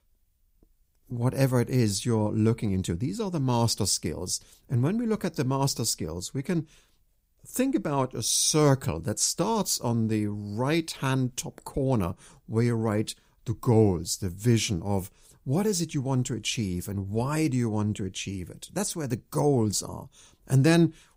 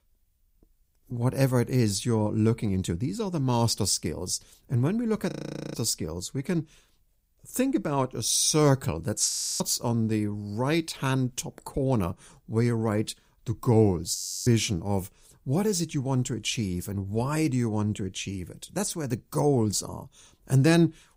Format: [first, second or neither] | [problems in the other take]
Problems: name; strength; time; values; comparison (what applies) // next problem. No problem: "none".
first | audio freezing; at 5.5 s, at 9.5 s and at 14 s